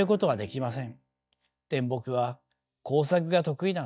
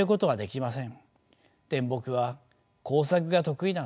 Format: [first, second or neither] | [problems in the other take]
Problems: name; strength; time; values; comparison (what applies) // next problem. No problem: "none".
second | noise reduction (neural mask model DeepFilterNet 3)